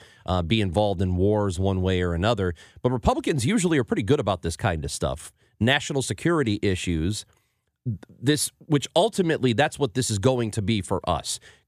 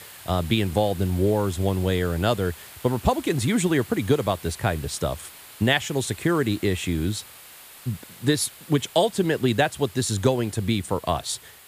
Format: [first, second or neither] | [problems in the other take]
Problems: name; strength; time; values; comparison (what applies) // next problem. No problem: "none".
first | hiss; noticeable; throughout; 20 dB below the speech